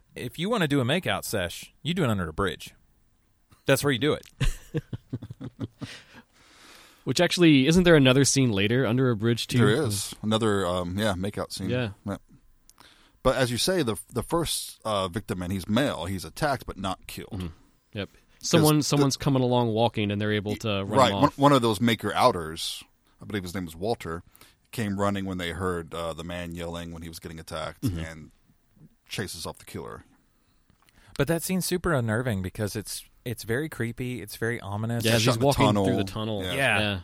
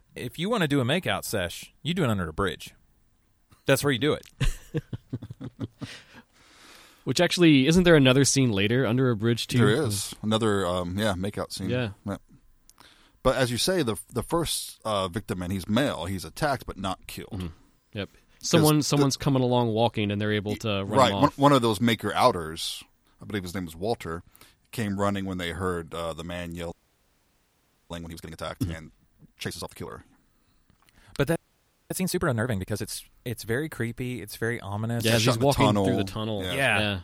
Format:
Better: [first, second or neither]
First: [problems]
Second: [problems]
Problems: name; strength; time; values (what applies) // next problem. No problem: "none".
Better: first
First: none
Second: audio freezing; at 27 s for 1 s and at 31 s for 0.5 s